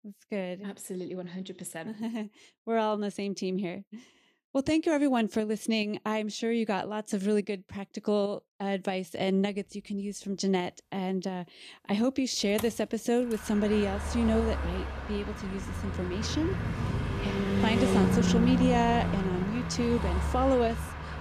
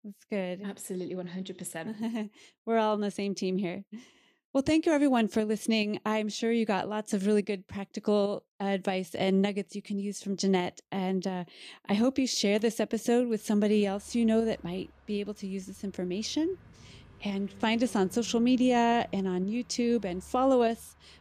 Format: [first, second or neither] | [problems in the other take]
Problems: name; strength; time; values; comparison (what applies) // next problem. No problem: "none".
second | traffic noise; loud; from 10 s on; 1 dB below the speech; faint in the second